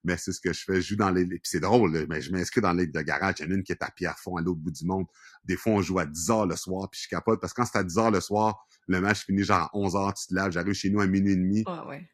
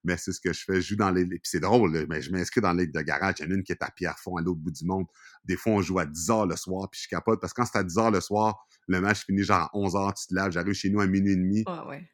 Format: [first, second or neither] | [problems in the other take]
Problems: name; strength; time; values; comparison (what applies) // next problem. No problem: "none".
second | garbled, watery; slightly